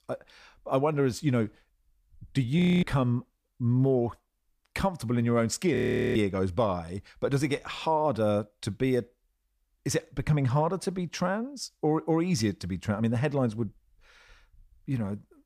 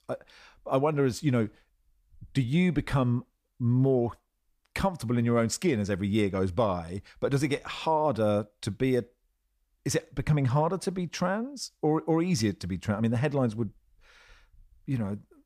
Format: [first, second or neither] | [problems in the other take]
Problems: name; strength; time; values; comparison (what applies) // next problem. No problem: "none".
second | audio freezing; at 2.5 s and at 6 s